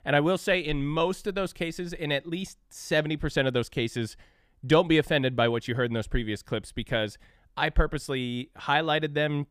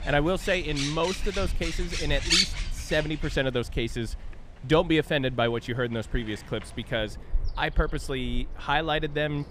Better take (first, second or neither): first